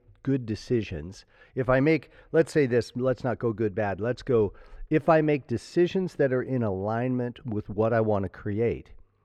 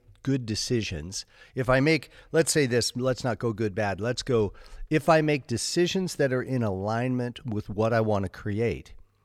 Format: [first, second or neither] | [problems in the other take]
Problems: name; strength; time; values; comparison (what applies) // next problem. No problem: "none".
second | muffled; slightly; fading above 3.5 kHz